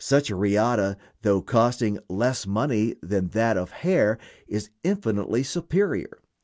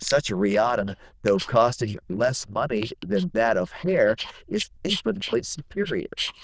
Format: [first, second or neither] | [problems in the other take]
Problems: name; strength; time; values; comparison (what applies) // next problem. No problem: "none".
first | noise reduction (neural diffusion model UNIVERSE++)